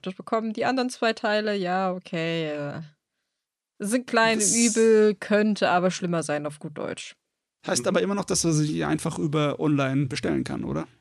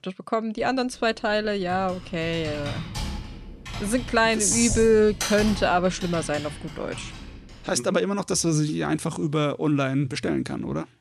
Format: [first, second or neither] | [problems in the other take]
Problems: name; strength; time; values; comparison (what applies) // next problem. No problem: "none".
first | keyboard typing; noticeable; from 0.5 to 7.5 s; peak 3 dB below the speech